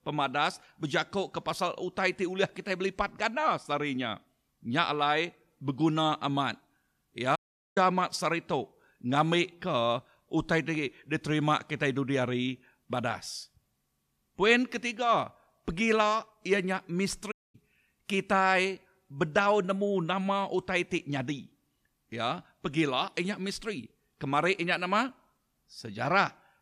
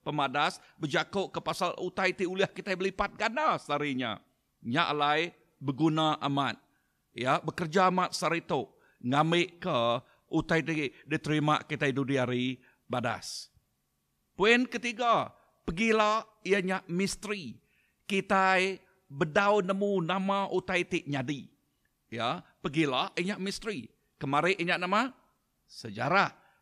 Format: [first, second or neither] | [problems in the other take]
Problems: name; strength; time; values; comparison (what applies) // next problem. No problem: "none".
second | audio cutting out; at 7.5 s and at 17 s